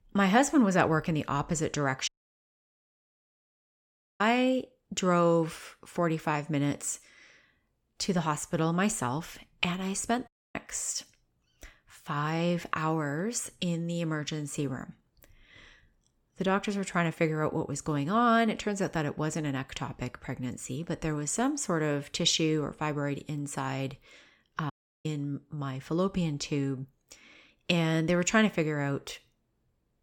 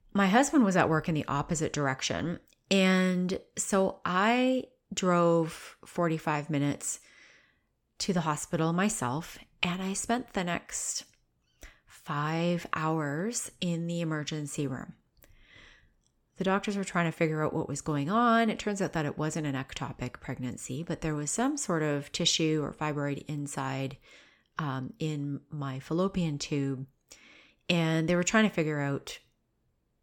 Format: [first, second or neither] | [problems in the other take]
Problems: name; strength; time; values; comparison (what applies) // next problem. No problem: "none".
second | audio cutting out; at 2 s for 2 s, at 10 s and at 25 s